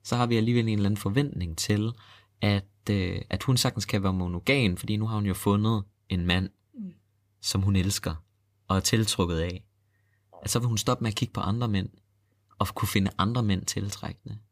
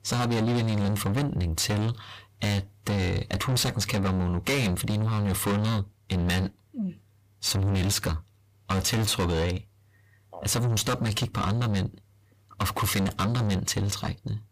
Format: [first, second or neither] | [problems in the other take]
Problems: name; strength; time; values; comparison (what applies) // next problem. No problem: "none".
first | distortion; heavy; 5 dB below the speech